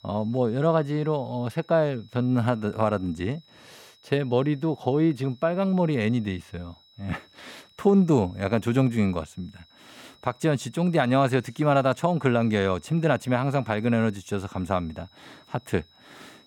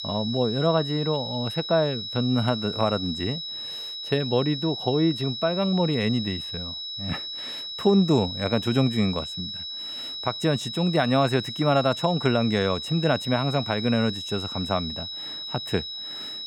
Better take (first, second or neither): first